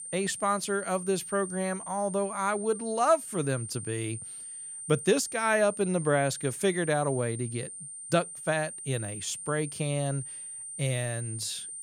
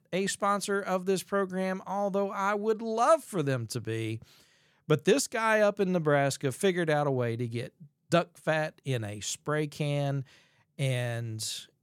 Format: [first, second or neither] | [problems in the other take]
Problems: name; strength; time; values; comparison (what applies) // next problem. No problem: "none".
second | high-pitched whine; loud; throughout; 9 kHz, 9 dB below the speech